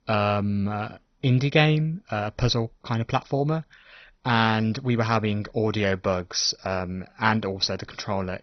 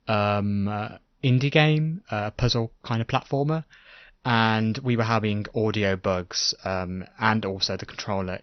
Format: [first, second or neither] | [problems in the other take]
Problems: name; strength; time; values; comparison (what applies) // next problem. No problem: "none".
second | garbled, watery; badly; nothing above 6 kHz; slightly in the second